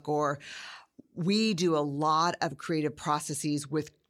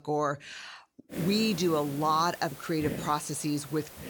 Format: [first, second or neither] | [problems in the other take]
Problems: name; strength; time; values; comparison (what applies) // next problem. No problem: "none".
first | hiss; noticeable; from 1 s on; 10 dB below the speech